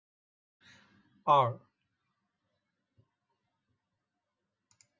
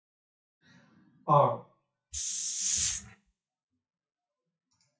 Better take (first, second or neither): first